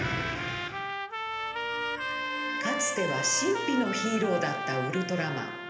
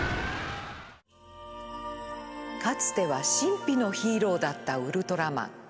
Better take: second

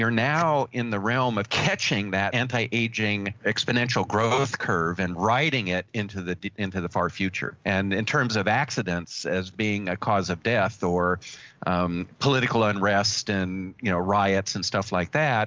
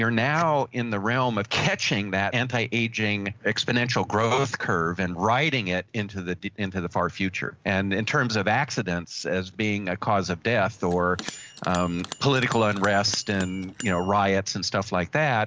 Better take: first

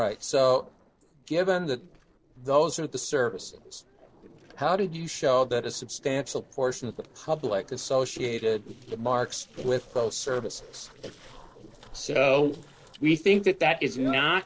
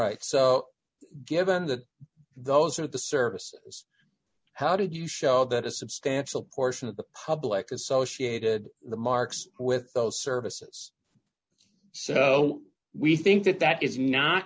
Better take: second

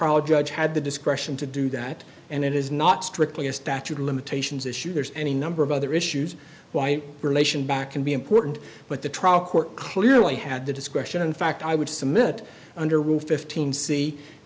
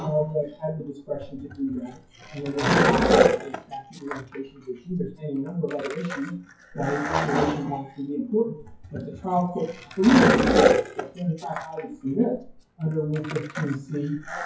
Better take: first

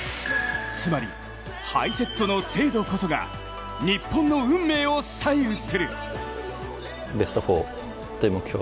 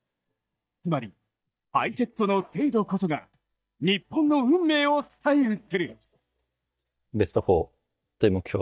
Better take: first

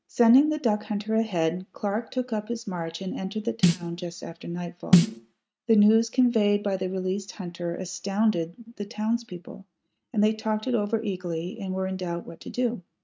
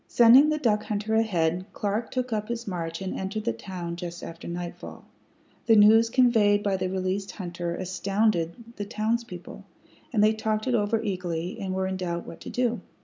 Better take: second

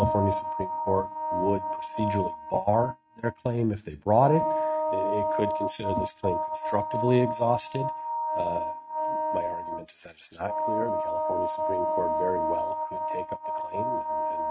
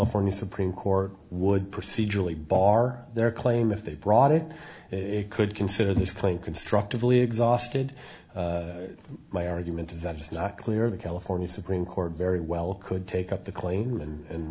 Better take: second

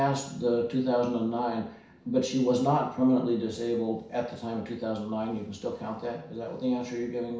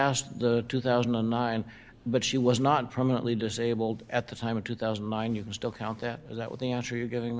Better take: second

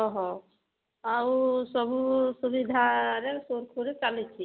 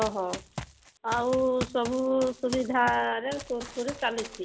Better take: first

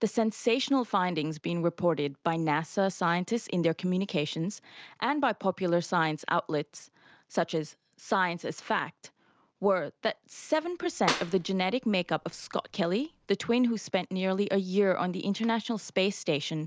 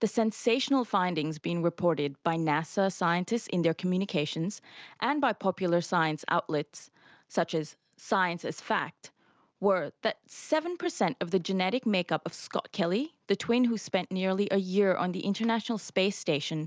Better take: second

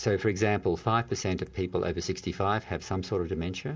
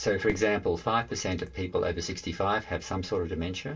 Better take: first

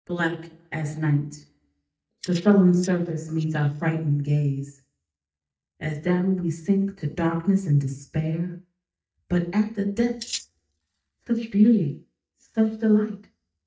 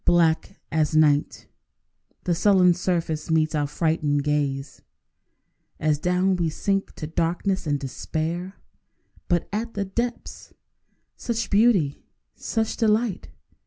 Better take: second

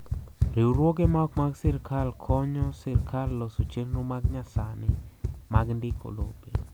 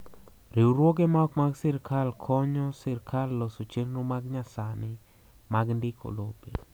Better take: second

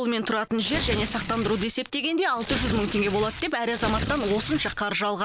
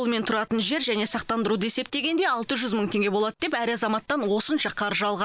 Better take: second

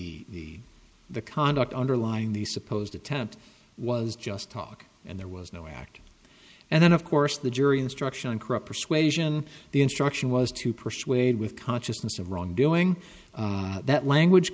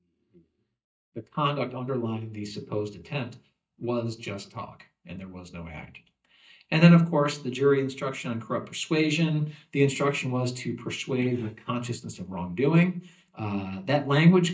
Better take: first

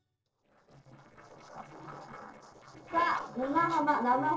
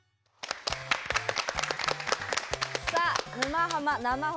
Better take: second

